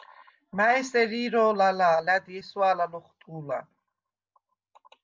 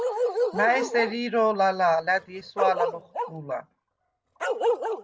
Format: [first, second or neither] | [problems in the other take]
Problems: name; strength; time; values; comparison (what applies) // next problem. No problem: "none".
first | background sound (Bark); 3 dB below the speech